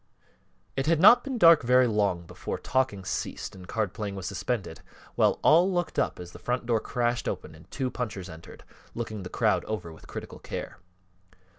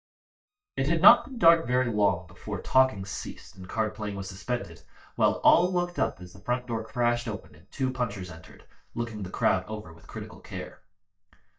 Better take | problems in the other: first | noise reduction (neural mask model DeepFilterNet 3)

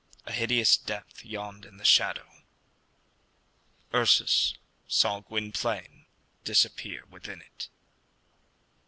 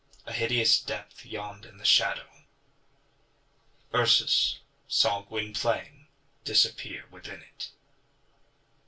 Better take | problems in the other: first | room echo; dies away in 0.2 s

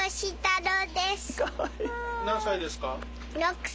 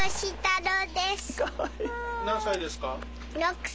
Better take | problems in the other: first | background sound (Gunshot, gunfire); 8 dB below the speech

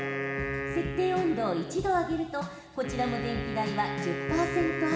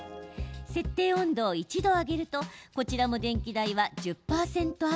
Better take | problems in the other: second | background sound (Wind instrument, woodwind instrument); 5 dB below the speech // room echo; dies away in 2 s

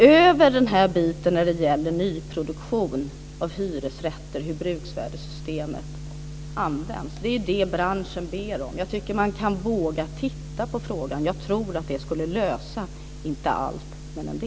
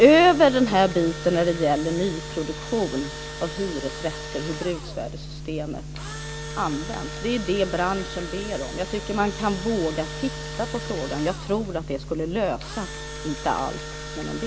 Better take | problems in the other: first | background sound (Engine / Drill); 13 dB below the speech

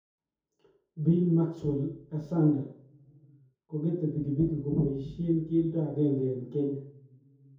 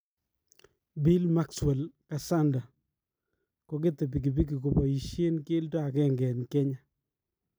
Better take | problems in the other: second | room echo; dies away in 0.6 s

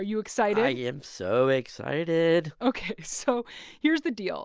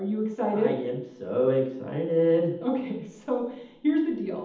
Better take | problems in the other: first | room echo; dies away in 0.8 s

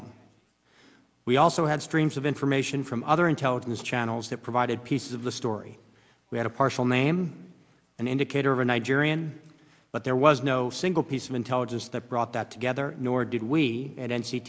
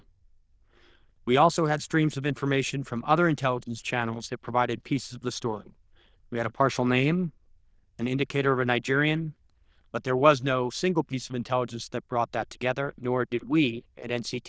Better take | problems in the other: first | noise reduction (neural diffusion model UNIVERSE++)

